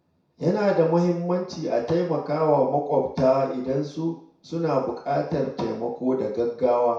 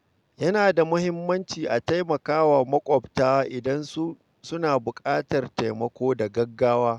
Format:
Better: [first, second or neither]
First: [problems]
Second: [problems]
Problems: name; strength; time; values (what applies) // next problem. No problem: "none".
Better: second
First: room echo; dies away in 0.6 s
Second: none